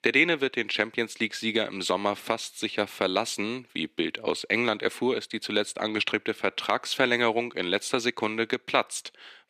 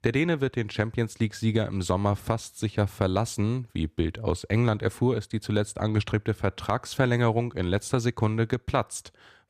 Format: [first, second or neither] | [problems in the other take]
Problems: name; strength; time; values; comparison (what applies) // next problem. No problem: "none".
second | thin; somewhat; fading below 250 Hz